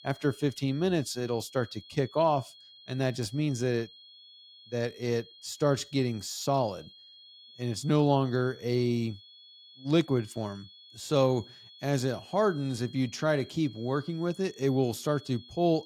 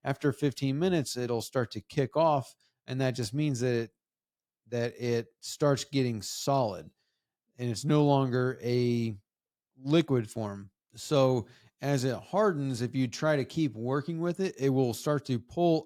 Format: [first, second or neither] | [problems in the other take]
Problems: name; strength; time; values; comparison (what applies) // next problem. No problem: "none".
second | high-pitched whine; faint; throughout; 3.5 kHz, 20 dB below the speech